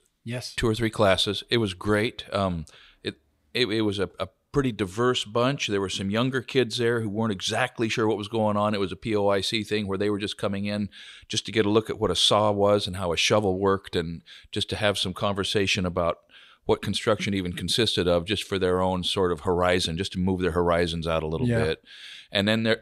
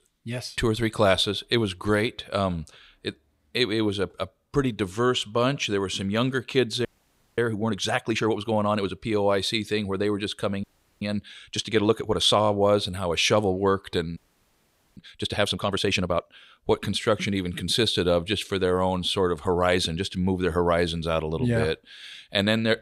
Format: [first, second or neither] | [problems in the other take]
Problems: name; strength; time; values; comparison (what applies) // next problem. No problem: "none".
first | audio freezing; at 7 s for 0.5 s, at 11 s and at 14 s for 1 s